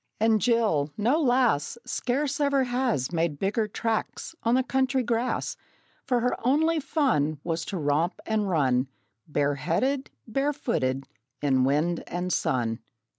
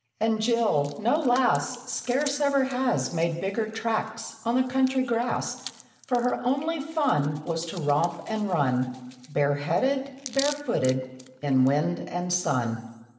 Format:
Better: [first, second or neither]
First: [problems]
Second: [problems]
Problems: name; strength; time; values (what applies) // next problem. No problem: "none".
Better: first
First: none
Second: background sound (Hands); 20 dB below the speech // room echo; dies away in 1 s